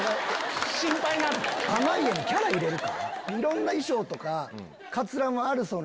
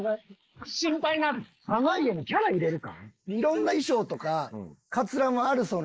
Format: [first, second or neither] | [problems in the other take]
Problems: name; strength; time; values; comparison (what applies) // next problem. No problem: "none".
first | noise reduction (neural mask model Resemble Enhance denoiser)